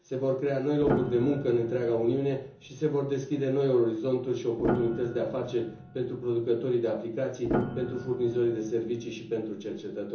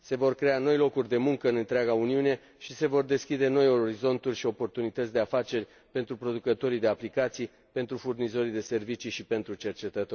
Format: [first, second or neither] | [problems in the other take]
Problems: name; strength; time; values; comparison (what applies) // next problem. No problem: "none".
second | background sound (Piano); 8 dB below the speech // room echo; dies away in 0.7 s